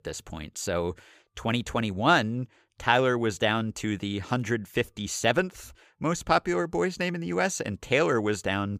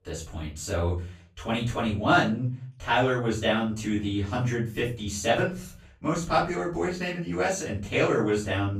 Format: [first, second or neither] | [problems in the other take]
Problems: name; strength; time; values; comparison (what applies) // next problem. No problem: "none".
first | off-mic speech; far // room echo; slight; dies away in 0.4 s